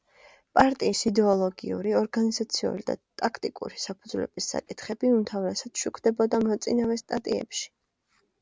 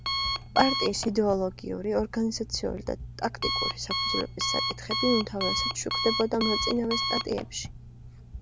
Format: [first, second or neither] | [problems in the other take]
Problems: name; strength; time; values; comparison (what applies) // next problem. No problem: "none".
first | background sound (Alarm); 2 dB below the speech